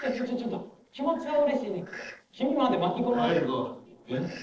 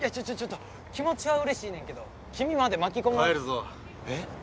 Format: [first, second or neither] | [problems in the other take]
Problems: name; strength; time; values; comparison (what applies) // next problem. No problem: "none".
second | noise reduction (neural separator model SepFormer DNS4)